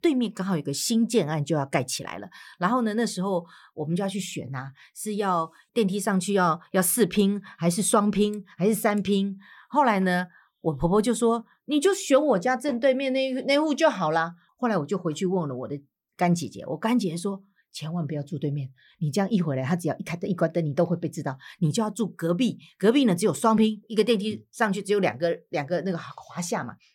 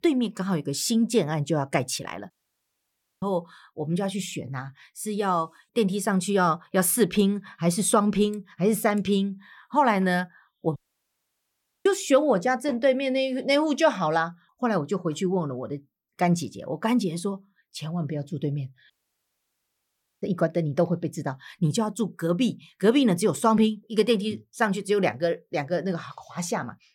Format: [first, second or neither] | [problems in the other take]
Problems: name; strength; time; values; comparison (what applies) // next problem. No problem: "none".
first | audio cutting out; at 2.5 s for 1 s, at 11 s for 1 s and at 19 s for 1.5 s